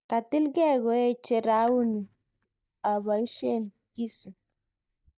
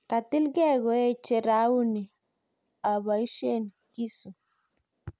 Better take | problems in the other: second | noise reduction (neural mask model DeepFilterNet 3)

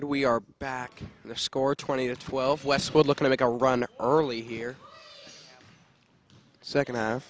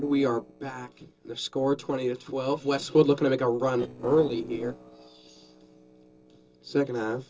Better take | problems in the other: first | noise reduction (neural separator model SepFormer DNS4)

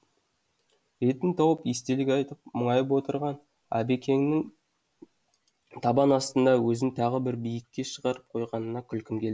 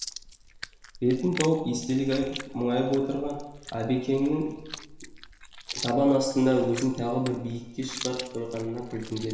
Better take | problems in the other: first | background sound (Chewing, mastication); 14 dB below the speech // room echo; dies away in 1.1 s

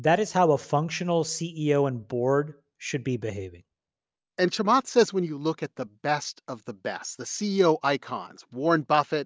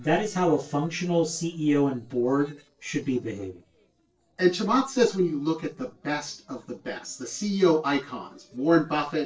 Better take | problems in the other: first | noise reduction (neural separator model SepFormer DNS4)

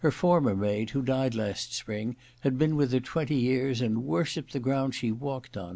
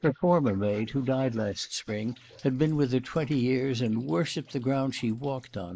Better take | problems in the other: first | noise reduction (neural mask model Resemble Enhance denoiser)

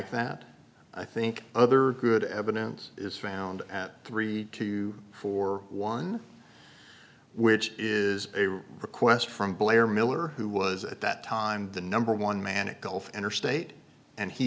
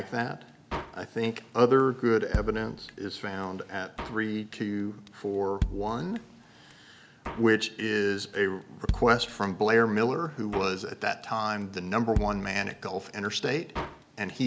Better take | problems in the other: first | background sound (Drum kit); 10 dB below the speech

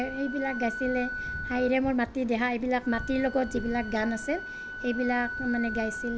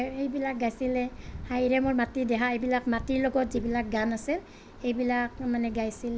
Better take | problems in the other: second | background sound (Wind instrument, woodwind instrument); 9 dB below the speech

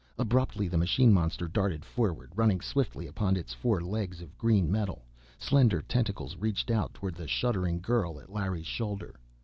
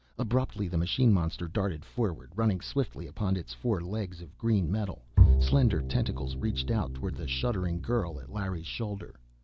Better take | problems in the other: first | background sound (Bowed string instrument); 2 dB above the speech

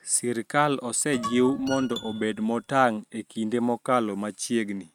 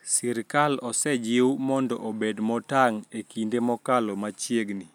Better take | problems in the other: second | noise reduction (neural mask model RNNoise)

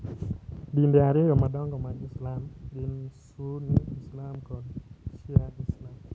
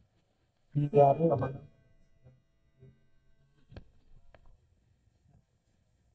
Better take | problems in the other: first | noise reduction (neural mask model DeepFilterNet 3)

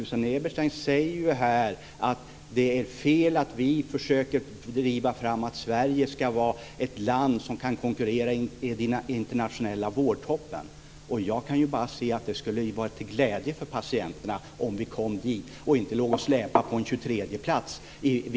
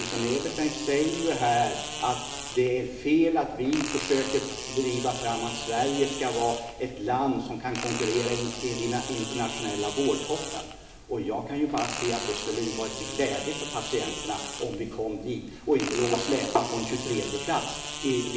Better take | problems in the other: first | background sound (Fart); 8 dB below the speech // room echo; dies away in 1.1 s

